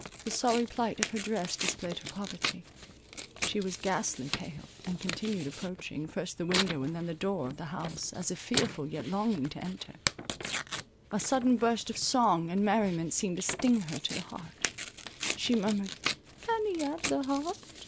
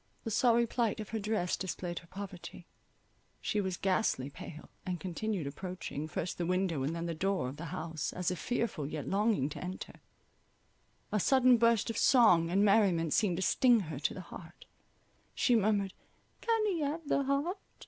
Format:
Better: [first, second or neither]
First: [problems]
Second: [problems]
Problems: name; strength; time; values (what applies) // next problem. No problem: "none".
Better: second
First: background sound (Tearing); 7 dB below the speech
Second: none